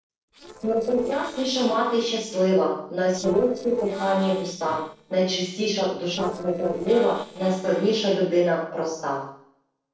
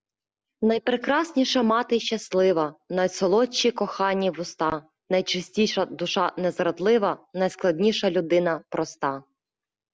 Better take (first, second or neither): second